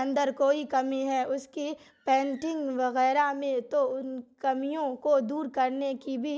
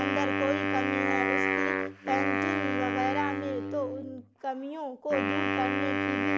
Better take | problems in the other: first | background sound (Wind instrument, woodwind instrument); 4 dB above the speech

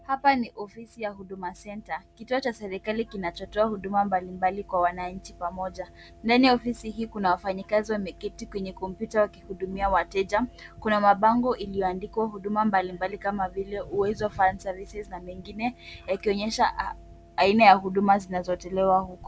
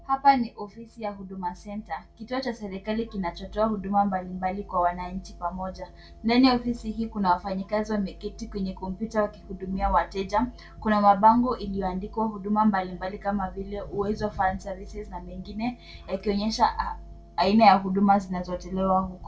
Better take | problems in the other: first | room echo; dies away in 0.2 s

